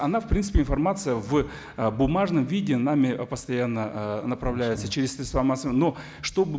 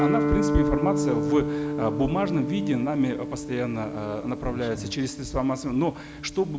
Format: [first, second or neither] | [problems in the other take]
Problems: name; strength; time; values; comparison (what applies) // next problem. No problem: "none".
first | background sound (Guitar); 2 dB below the speech